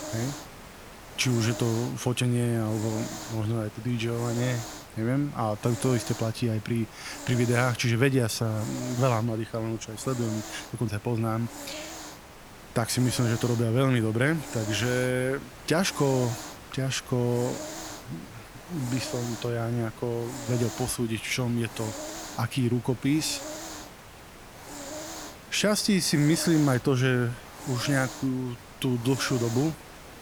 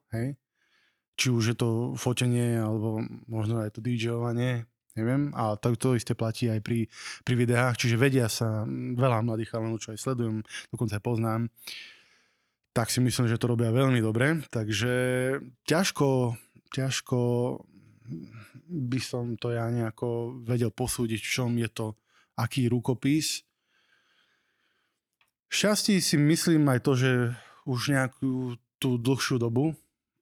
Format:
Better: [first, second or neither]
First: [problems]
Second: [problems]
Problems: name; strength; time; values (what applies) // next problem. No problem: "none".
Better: second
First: hiss; noticeable; throughout; 10 dB below the speech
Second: none